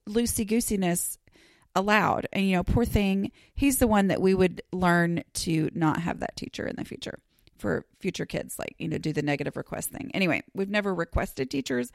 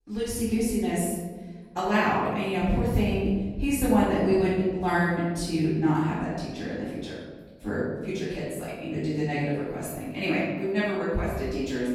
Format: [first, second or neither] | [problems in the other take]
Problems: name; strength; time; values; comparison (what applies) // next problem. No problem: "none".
first | off-mic speech; far // room echo; strong; dies away in 1.3 s